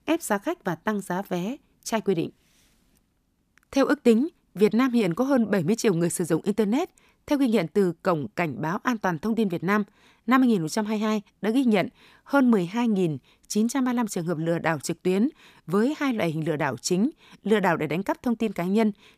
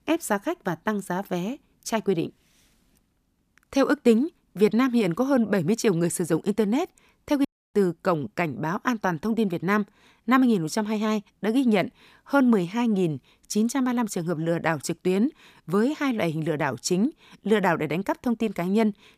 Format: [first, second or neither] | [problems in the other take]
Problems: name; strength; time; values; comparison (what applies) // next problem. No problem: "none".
first | audio cutting out; at 7.5 s